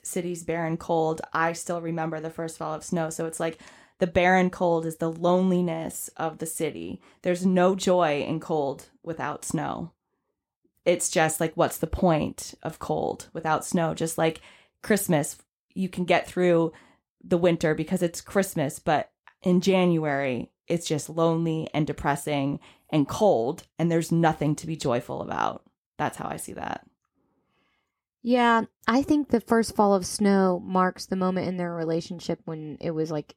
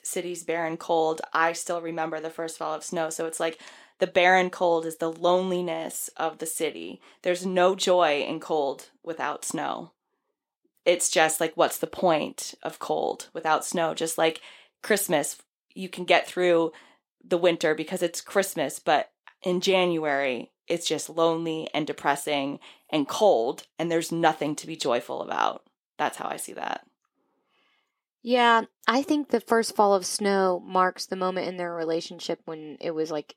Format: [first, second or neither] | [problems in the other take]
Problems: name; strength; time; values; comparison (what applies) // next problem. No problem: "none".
first | thin; somewhat; fading below 350 Hz